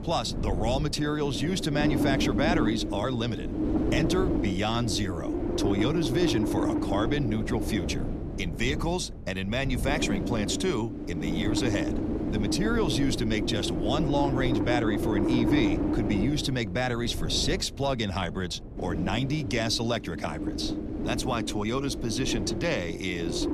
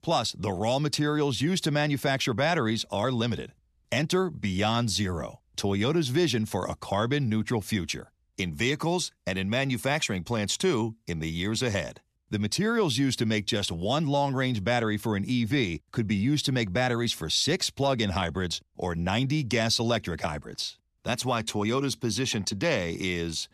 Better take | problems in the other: second | wind noise on the microphone; heavy; 4 dB below the speech

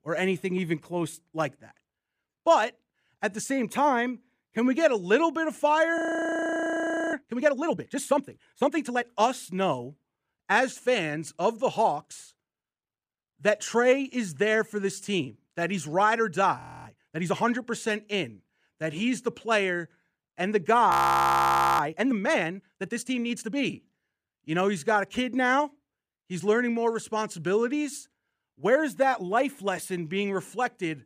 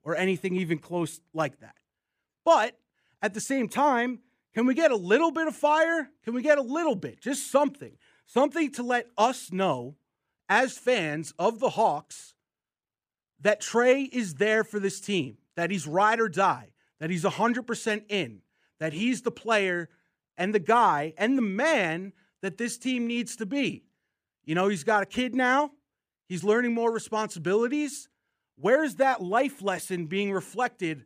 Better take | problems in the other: second | audio freezing; at 6 s for 1 s, at 17 s and at 21 s for 1 s

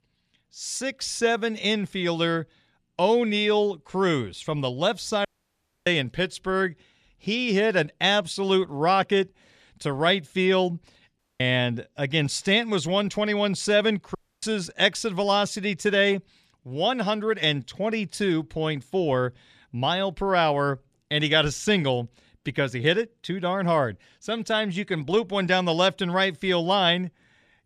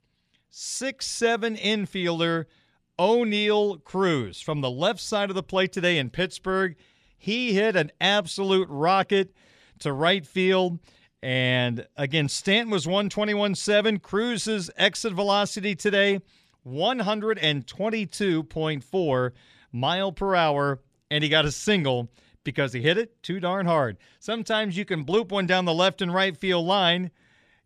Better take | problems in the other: second | audio cutting out; at 5.5 s for 0.5 s, at 11 s and at 14 s

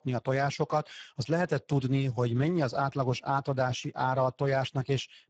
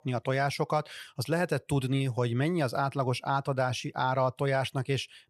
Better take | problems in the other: second | garbled, watery; badly; nothing above 7.5 kHz

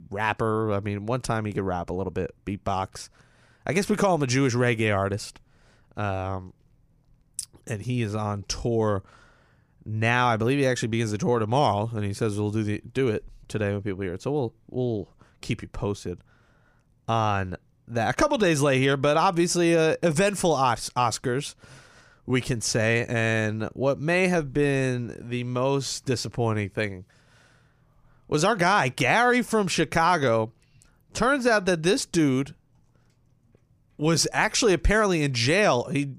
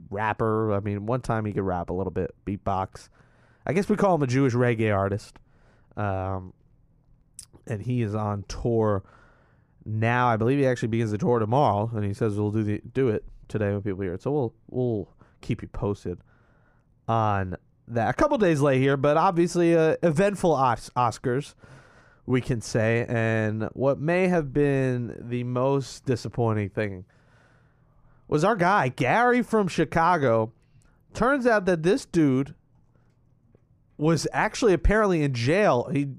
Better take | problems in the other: first | muffled; slightly; fading above 2 kHz

